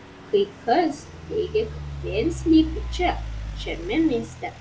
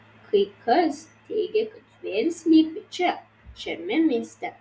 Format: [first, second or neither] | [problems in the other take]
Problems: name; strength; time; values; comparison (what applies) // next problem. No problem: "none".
second | background sound (Idling / Truck); 9 dB below the speech